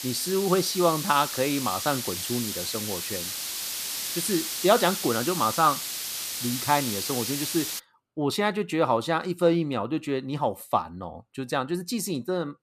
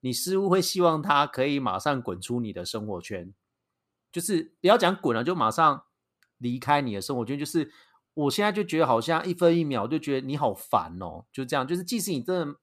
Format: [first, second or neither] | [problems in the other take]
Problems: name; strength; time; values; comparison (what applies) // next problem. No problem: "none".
second | hiss; loud; until 8 s; 3 dB below the speech